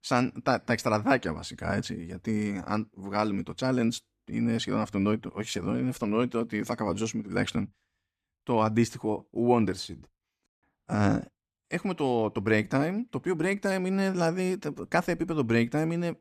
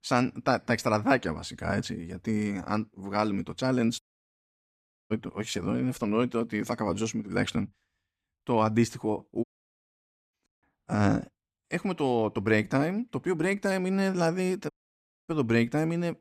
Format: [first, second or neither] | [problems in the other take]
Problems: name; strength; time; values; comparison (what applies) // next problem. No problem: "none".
first | audio cutting out; at 4 s for 1 s, at 9.5 s for 1 s and at 15 s for 0.5 s